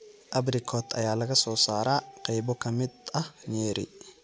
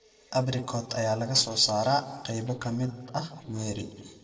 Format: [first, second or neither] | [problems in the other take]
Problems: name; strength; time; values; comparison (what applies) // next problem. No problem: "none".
first | noise reduction (neural separator model SepFormer DNS4)